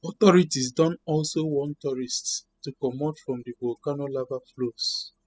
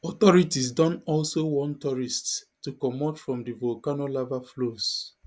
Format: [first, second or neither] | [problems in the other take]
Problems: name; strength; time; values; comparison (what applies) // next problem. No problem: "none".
second | noise reduction (classical method spectral subtraction)